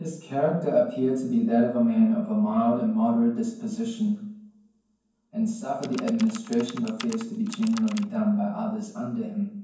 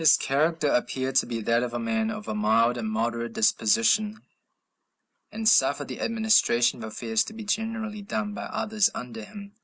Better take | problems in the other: second | background sound (Computer keyboard); 17 dB below the speech // room echo; dies away in 0.9 s

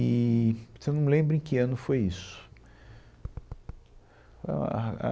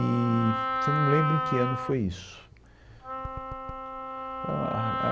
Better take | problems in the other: first | background sound (Wind instrument, woodwind instrument); 2 dB below the speech

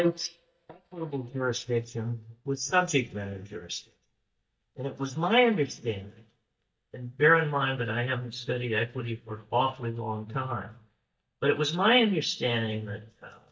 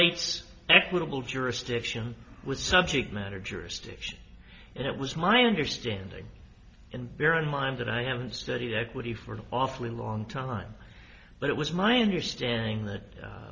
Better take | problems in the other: second | noise reduction (neural mask model DeepFilterNet 3)

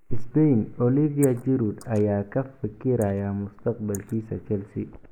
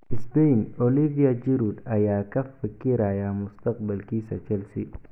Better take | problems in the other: second | noise reduction (neural mask model Resemble Enhance denoiser)

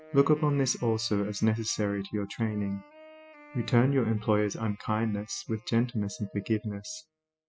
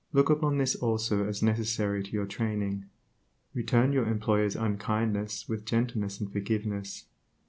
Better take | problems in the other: second | noise reduction (classical method spectral subtraction)

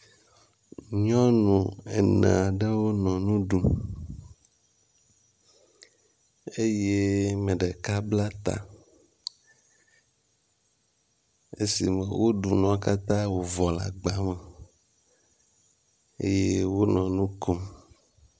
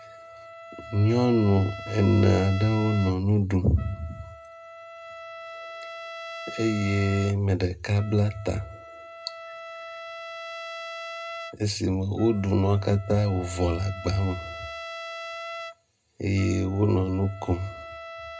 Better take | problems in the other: first | background sound (Trumpet); 13 dB below the speech // room echo; dies away in 0.2 s

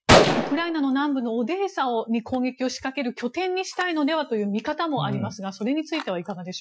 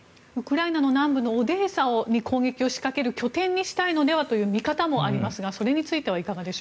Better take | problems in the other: second | noise reduction (classical method Wiener filter)

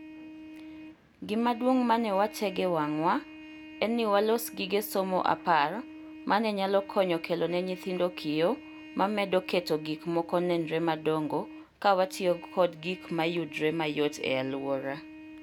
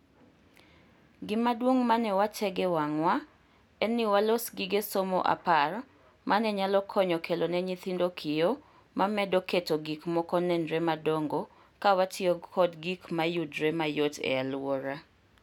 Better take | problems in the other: second | background sound (Trumpet); 17 dB below the speech

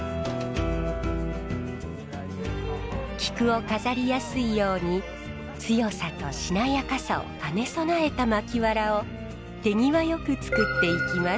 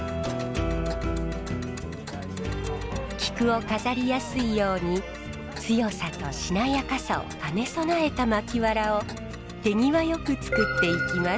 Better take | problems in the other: first | background sound (Tick); 19 dB below the speech

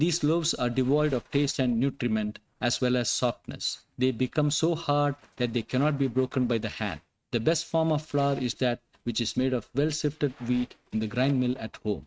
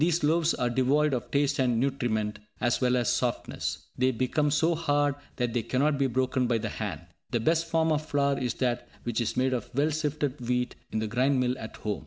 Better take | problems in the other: second | noise reduction (neural mask model RNNoise)

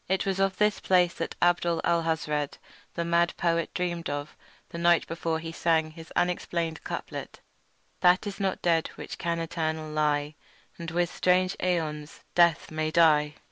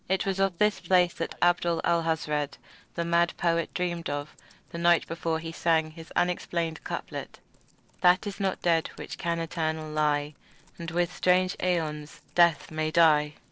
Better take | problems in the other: first | noise reduction (neural separator model SepFormer DNS4)

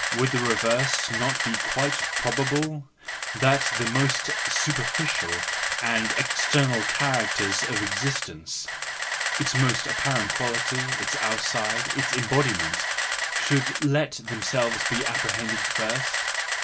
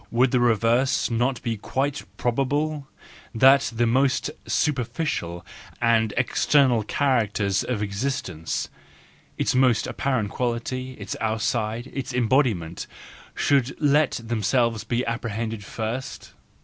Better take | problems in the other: second | background sound (Camera); as loud as the speech // room echo; dies away in 0.2 s

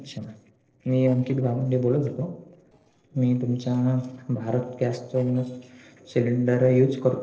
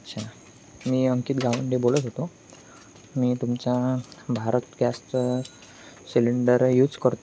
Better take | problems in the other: second | noise reduction (neural separator model SepFormer DNS4)

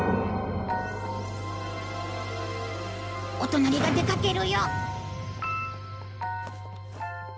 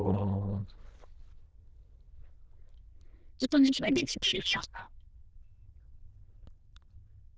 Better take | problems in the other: first | noise reduction (neural diffusion model UNIVERSE++)

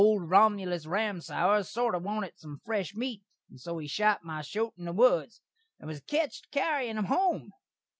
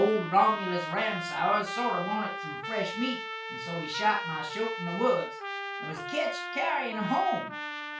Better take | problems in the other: first | background sound (Trumpet); 6 dB below the speech // room echo; dies away in 0.2 s

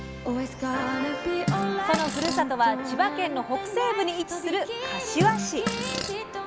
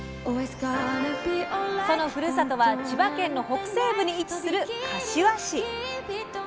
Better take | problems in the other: second | background sound (Fart); 5 dB below the speech

